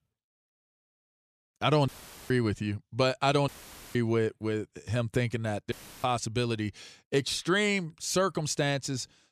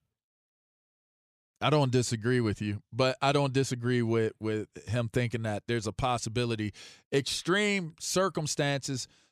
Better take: second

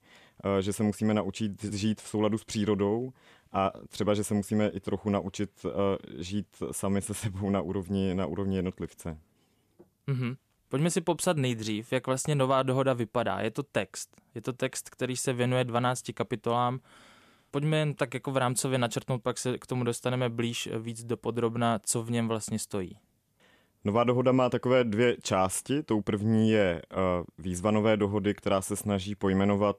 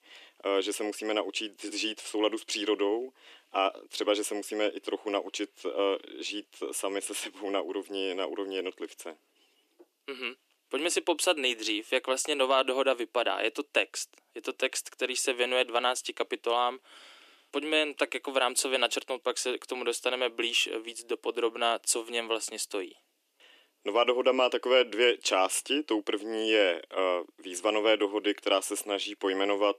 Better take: first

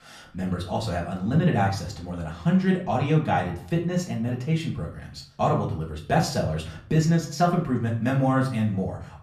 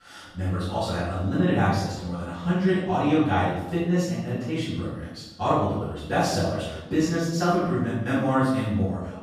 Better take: first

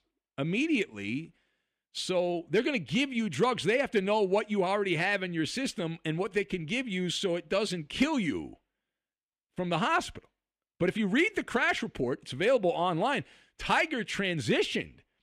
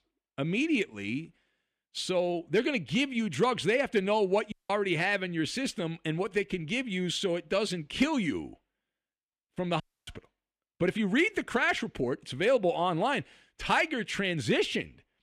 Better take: first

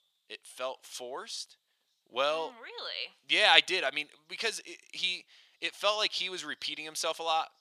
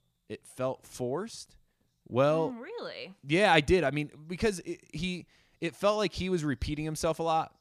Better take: second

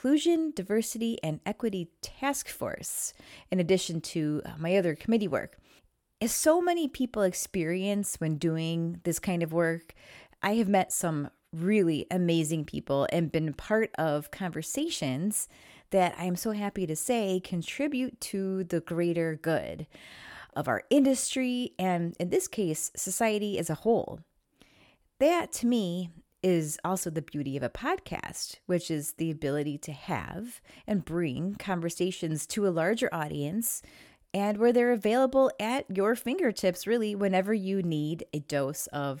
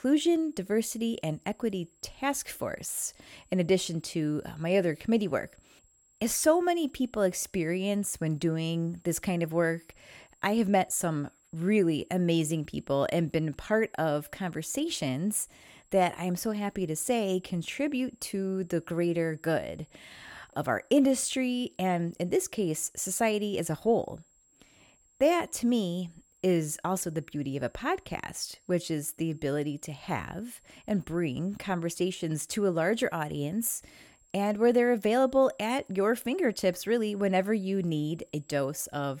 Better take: first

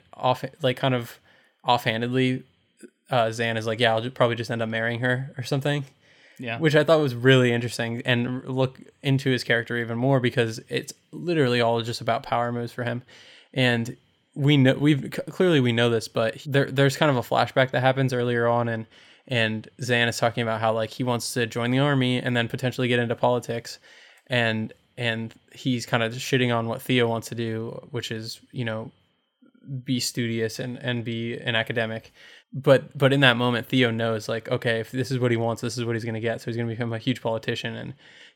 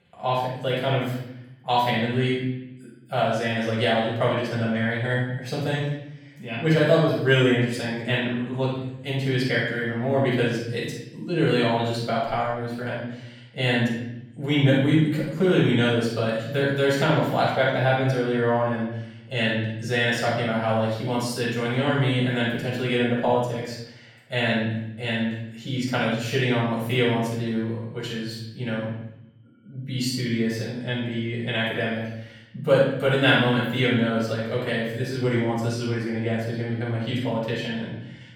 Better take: first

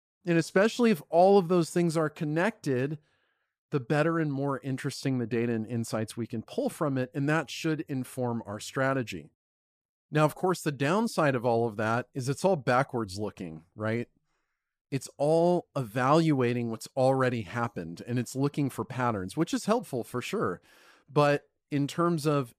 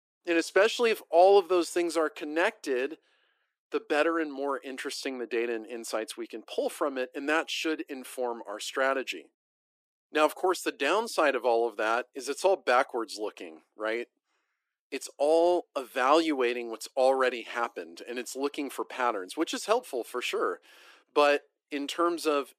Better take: first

